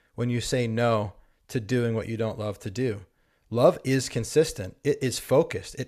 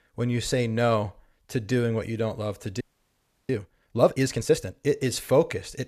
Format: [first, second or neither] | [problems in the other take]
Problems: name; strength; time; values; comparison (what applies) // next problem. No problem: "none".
first | audio freezing; at 3 s for 0.5 s